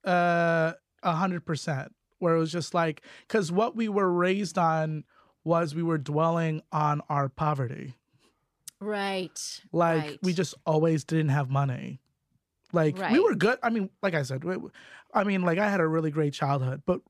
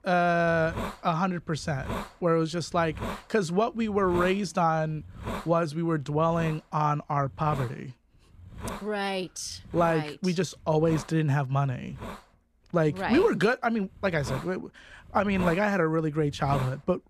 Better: first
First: none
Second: hiss; noticeable; throughout; 10 dB below the speech

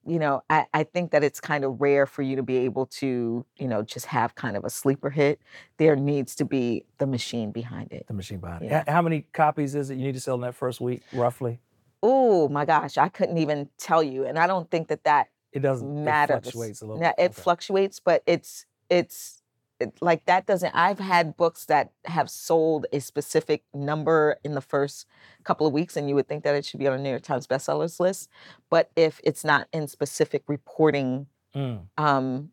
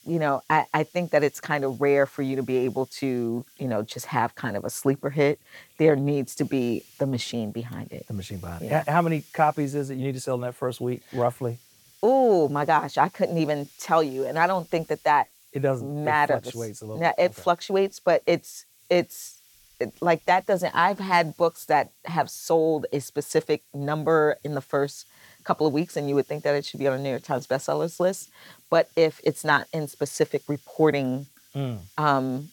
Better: first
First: none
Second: hiss; faint; throughout; 30 dB below the speech

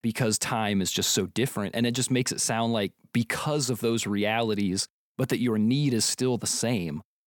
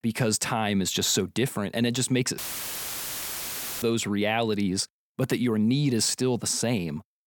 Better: first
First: none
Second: audio cutting out; filled with static; at 2.5 s for 1.5 s

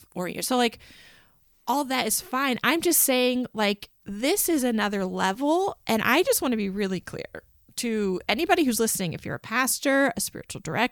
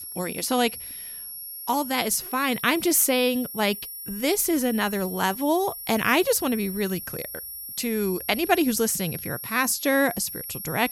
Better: first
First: none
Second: high-pitched whine; loud; throughout; 11.5 kHz, 10 dB below the speech

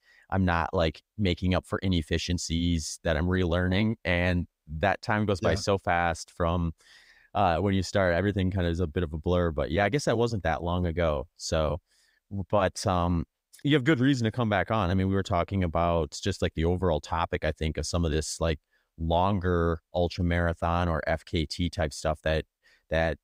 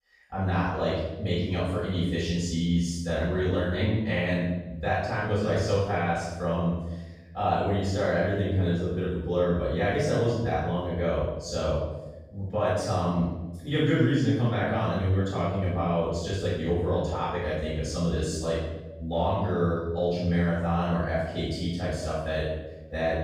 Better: first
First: none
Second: off-mic speech; far // room echo; strong; dies away in 0.9 s

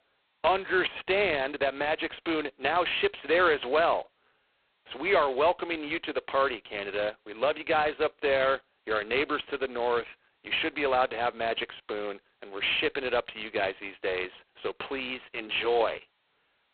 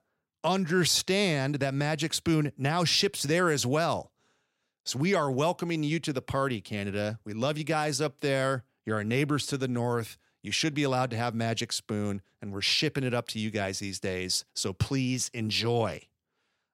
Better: second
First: phone-call audio; poor line; nothing above 3.5 kHz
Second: none

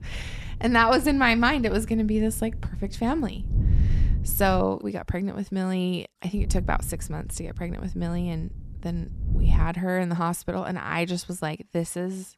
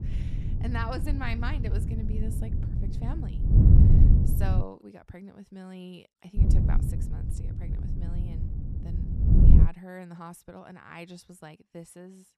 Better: first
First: wind noise on the microphone; occasional gusts; until 4.5 s and from 6.5 to 9.5 s; 20 dB below the speech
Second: wind noise on the microphone; heavy; until 4.5 s and from 6.5 to 9.5 s; 2 dB above the speech

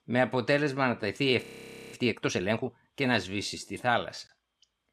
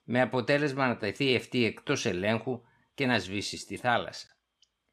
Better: second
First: audio freezing; at 1.5 s for 0.5 s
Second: none

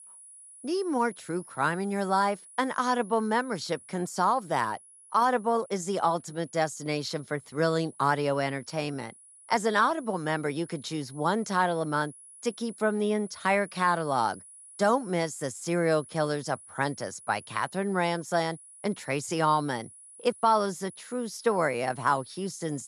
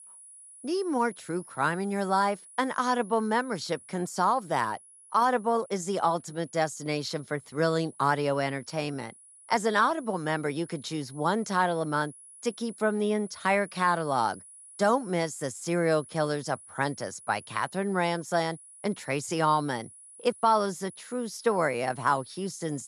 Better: neither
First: high-pitched whine; noticeable; throughout; 10 kHz, 20 dB below the speech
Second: high-pitched whine; noticeable; throughout; 10 kHz, 20 dB below the speech

